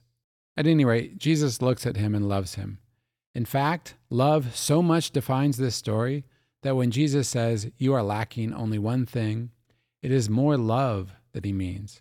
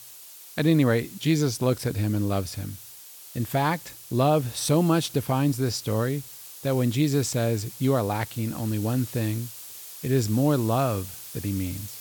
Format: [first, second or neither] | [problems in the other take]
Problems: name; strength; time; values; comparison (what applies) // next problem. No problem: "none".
first | hiss; noticeable; throughout; 15 dB below the speech